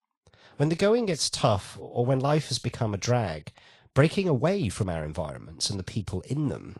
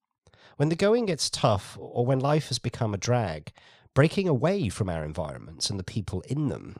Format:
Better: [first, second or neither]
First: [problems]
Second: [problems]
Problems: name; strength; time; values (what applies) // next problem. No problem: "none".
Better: second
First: garbled, watery; slightly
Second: none